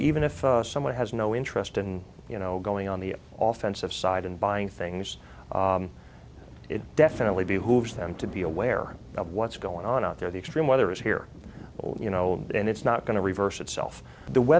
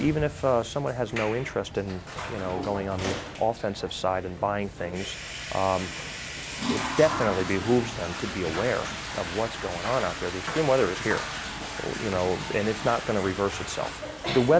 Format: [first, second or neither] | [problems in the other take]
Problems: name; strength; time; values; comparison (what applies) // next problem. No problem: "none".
first | background sound (Toilet flush / Water); 8 dB below the speech